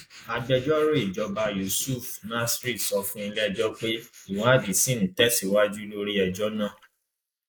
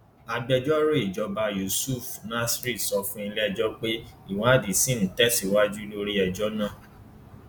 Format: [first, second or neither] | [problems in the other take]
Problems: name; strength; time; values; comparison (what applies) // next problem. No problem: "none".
second | noise reduction (neural mask model Resemble Enhance denoiser)